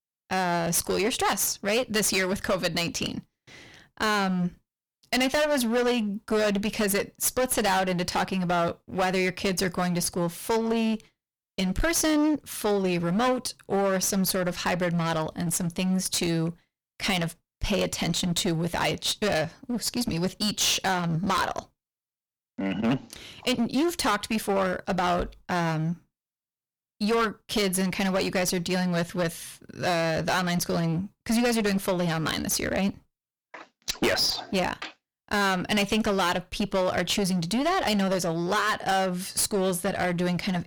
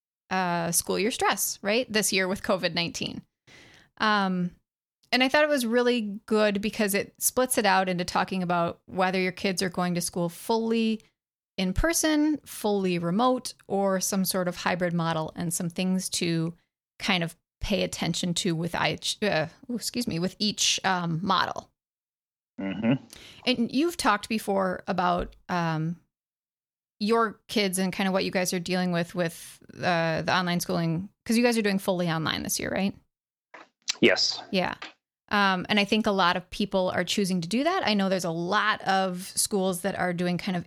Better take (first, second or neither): second